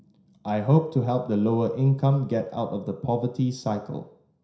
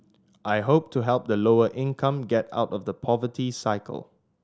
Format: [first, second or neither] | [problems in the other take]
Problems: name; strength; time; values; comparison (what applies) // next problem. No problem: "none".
second | room echo; dies away in 0.5 s